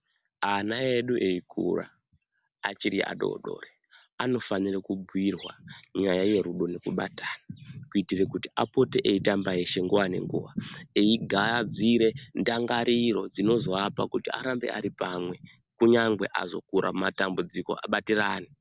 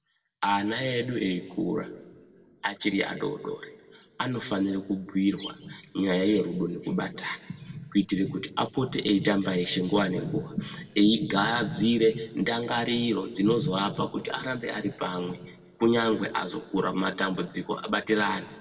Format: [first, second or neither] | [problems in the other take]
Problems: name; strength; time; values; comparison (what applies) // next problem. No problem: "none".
first | room echo; dies away in 1.5 s